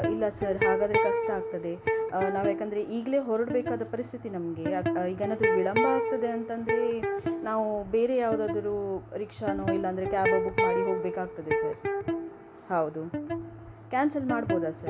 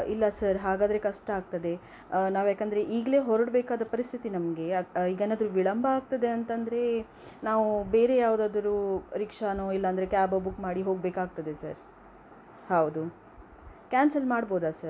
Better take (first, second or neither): second